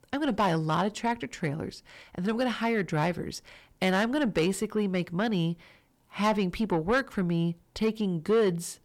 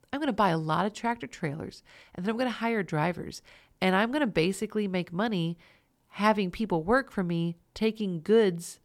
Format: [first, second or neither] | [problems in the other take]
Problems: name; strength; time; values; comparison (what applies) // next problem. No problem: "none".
second | distortion; slight; 10 dB below the speech